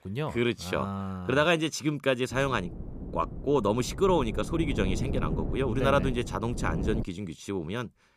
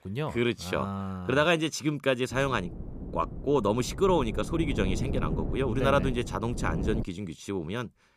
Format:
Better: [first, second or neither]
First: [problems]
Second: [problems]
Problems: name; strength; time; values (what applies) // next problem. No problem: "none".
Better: neither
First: wind noise on the microphone; occasional gusts; from 2.5 to 7 s; 15 dB below the speech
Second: wind noise on the microphone; occasional gusts; from 2.5 to 7 s; 15 dB below the speech